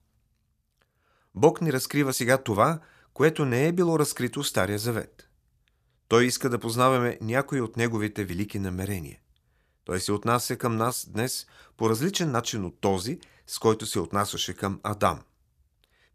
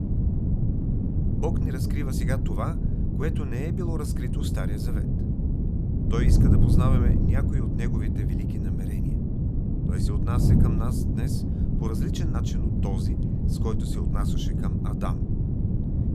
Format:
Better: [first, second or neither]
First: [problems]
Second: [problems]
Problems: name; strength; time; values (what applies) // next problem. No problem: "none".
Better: first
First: none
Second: wind noise on the microphone; heavy; 2 dB above the speech